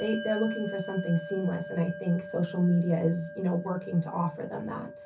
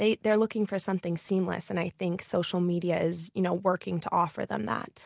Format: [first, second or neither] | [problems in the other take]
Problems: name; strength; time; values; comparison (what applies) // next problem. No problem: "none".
second | background sound (Bell); 12 dB below the speech // room echo; dies away in 0.3 s